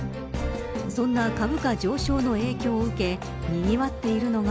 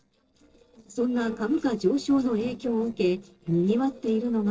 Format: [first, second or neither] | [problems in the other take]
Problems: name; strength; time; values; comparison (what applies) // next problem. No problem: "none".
first | noise reduction (neural separator model SepFormer DNS4)